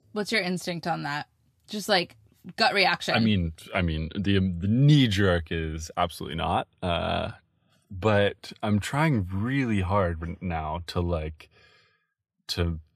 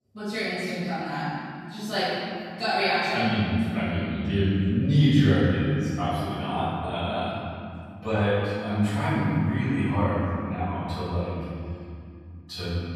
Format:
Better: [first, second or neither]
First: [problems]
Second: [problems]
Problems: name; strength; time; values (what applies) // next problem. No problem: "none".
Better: first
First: none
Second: off-mic speech; far // room echo; strong; dies away in 2.6 s